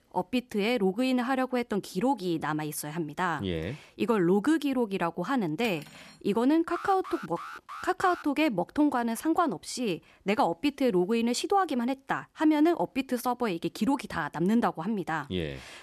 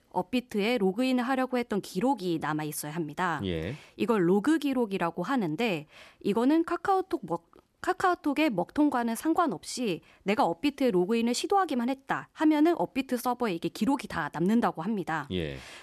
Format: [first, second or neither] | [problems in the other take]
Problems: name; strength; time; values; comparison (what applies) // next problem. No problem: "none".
second | clattering dishes; faint; at 5.5 s; peak 15 dB below the speech // alarm; faint; from 6.5 to 8 s; peak 10 dB below the speech